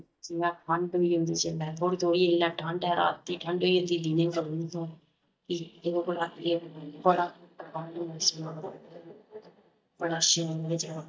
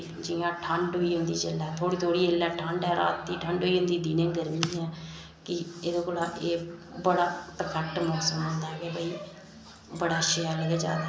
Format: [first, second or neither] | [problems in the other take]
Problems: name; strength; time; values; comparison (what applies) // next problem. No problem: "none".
second | noise reduction (neural mask model DeepFilterNet 3)